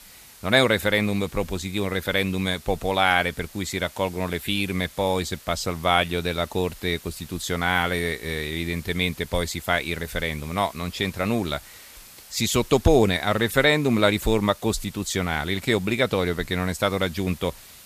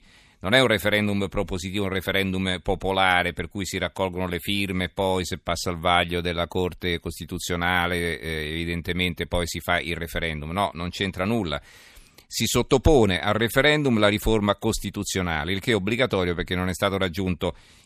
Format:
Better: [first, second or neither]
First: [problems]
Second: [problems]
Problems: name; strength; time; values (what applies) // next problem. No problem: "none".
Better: second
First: hiss; faint; throughout; 20 dB below the speech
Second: none